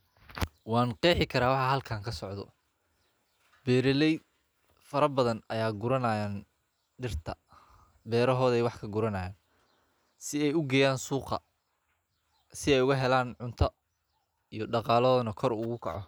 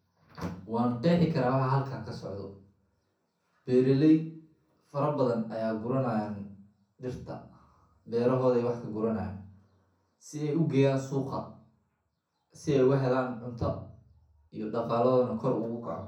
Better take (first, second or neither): first